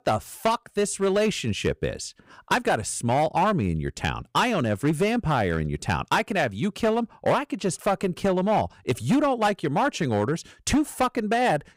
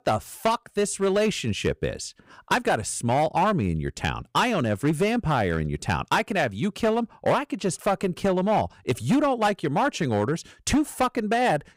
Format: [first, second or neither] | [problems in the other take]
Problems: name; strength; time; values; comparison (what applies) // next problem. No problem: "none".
neither | distortion; slight; 6% of the sound clipped; the same in both